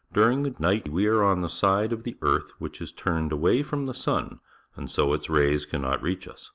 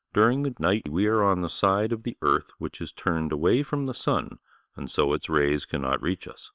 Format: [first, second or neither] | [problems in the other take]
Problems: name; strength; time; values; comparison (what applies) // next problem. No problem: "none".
first | noise reduction (neural separator model SepFormer WHAM!)